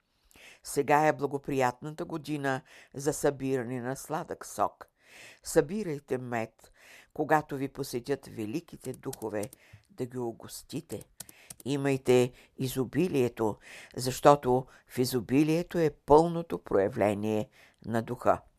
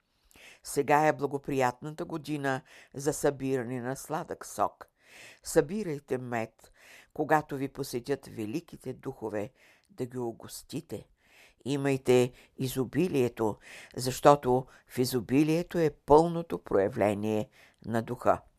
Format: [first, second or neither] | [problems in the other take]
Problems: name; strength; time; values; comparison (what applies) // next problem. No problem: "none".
second | keyboard typing; faint; from 9 to 12 s; peak 15 dB below the speech